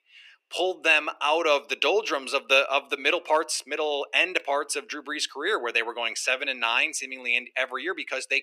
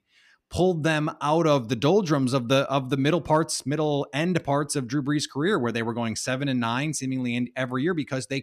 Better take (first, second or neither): second